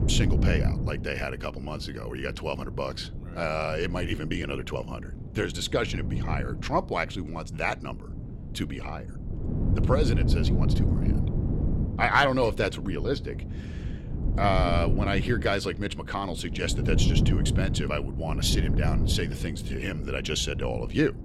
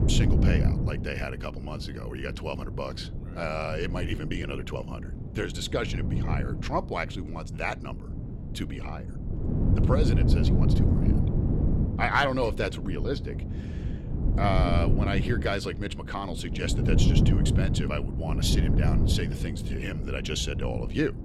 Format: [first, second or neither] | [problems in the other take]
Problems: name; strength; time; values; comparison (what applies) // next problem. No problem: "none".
first | wind noise on the microphone; heavy; 7 dB below the speech; occasional gusts in the first